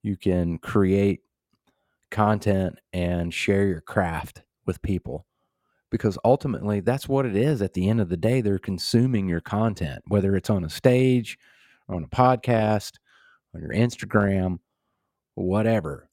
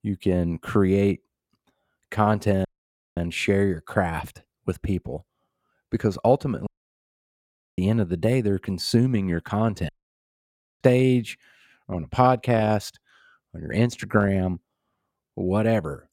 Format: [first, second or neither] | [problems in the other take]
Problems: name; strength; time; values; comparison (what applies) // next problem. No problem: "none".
first | audio cutting out; at 2.5 s for 0.5 s, at 6.5 s for 1 s and at 10 s for 1 s